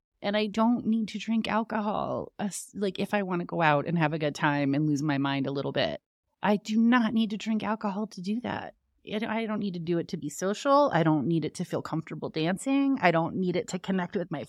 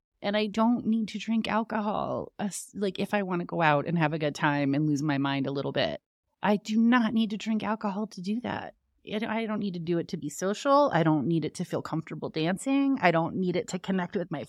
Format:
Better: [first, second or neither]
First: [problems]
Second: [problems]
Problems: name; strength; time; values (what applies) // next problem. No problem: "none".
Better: neither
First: none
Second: none